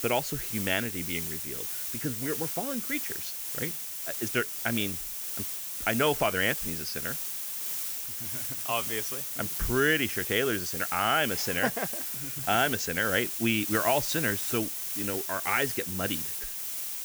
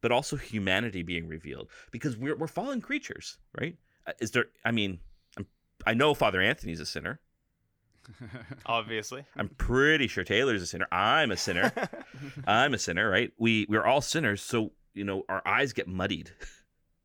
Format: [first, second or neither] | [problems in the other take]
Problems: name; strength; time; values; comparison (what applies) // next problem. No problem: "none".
second | hiss; loud; throughout; 2 dB below the speech